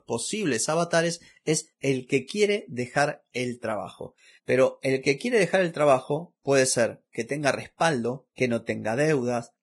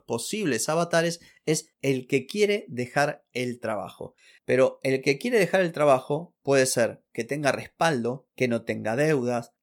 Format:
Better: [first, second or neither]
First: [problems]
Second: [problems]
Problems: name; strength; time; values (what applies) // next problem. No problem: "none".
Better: second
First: garbled, watery; badly; nothing above 10.5 kHz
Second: none